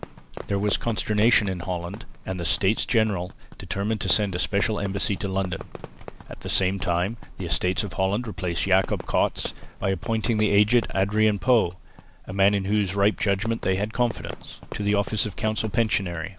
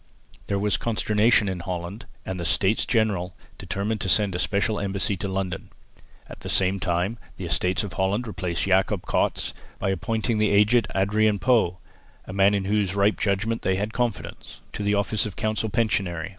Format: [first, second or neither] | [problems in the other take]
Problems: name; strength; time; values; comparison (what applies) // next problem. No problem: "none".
second | background sound (Fireworks); 17 dB below the speech